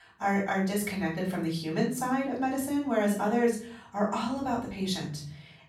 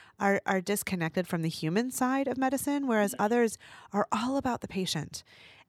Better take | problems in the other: second | off-mic speech; far // room echo; slight; dies away in 0.7 s

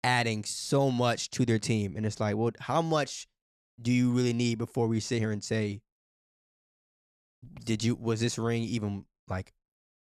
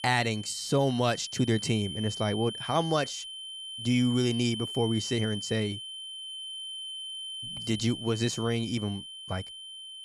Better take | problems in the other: first | high-pitched whine; loud; throughout; 3 kHz, 8 dB below the speech

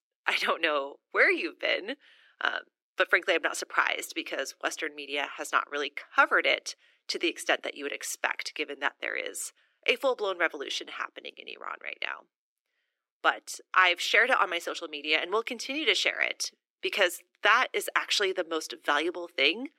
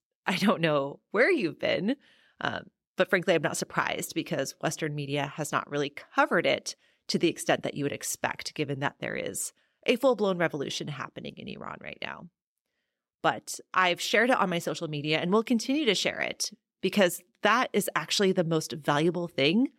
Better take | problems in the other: second | thin; very; fading below 300 Hz

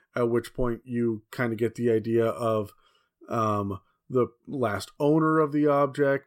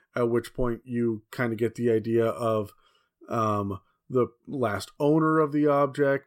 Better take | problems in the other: neither | none

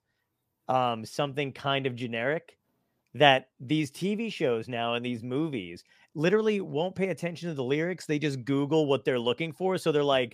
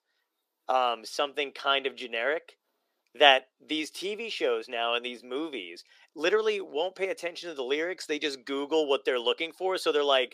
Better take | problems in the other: first | thin; somewhat; fading below 350 Hz

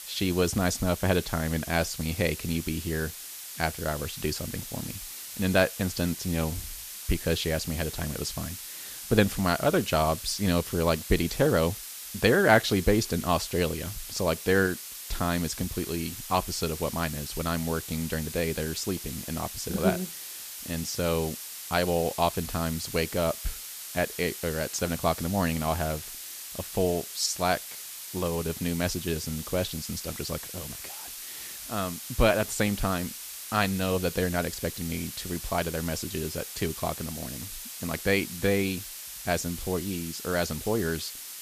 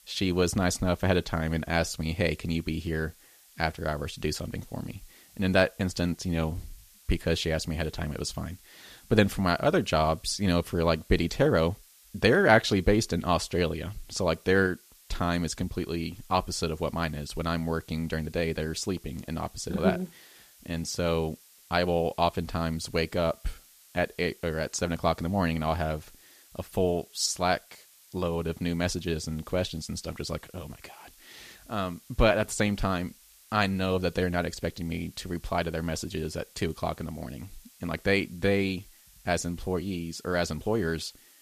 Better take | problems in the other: second | hiss; loud; throughout; 9 dB below the speech; faint in the second

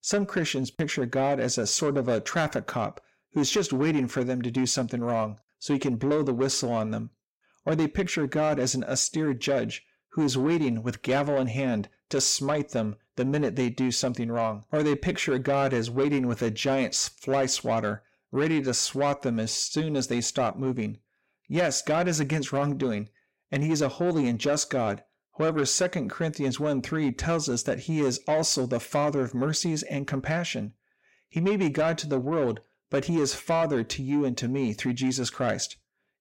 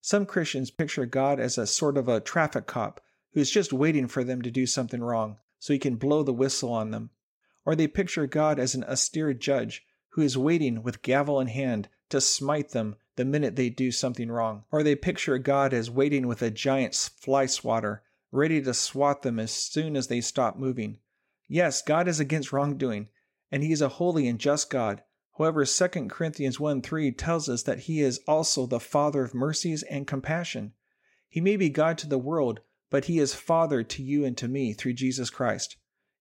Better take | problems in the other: second | distortion; slight; 10 dB below the speech

